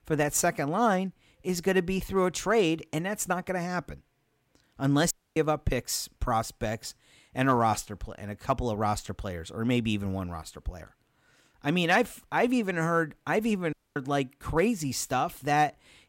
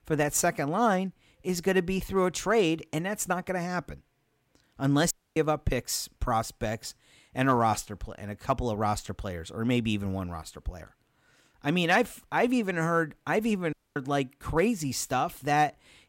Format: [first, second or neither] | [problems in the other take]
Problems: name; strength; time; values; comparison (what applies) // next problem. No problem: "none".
neither | audio cutting out; at 5 s and at 14 s; the same in both